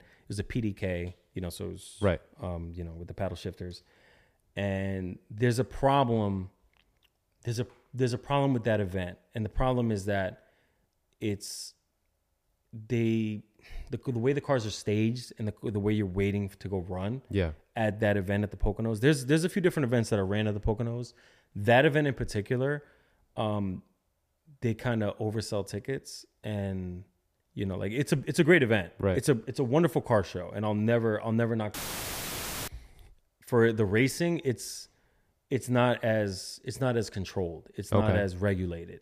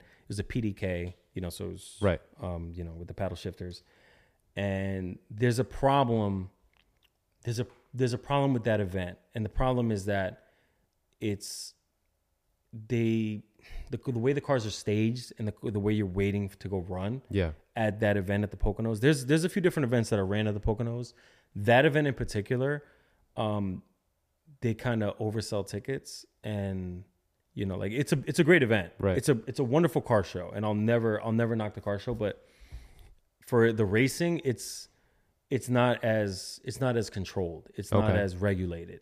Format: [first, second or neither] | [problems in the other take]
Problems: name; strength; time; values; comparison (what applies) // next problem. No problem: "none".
second | audio cutting out; filled with static; at 32 s for 1 s